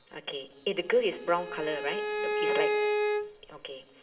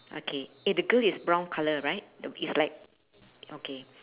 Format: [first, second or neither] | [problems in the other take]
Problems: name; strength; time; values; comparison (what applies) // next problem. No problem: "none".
second | background sound (Bowed string instrument); 1 dB above the speech // room echo; dies away in 2.3 s